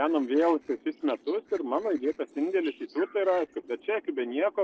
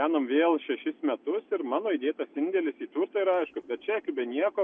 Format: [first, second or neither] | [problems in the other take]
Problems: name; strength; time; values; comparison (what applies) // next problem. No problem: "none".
second | noise reduction (neural separator model SepFormer DNS4)